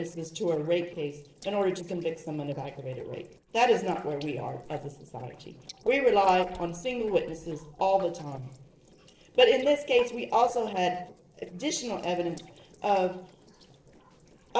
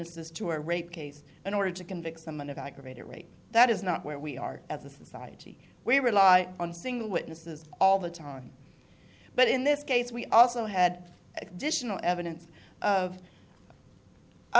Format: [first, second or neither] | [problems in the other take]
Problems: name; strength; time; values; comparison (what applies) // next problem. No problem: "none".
second | noise reduction (neural separator model SepFormer DNS4)